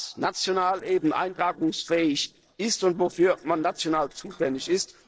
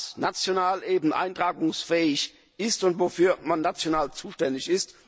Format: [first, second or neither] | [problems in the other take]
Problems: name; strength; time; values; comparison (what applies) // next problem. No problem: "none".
second | noise reduction (neural separator model SepFormer DNS4)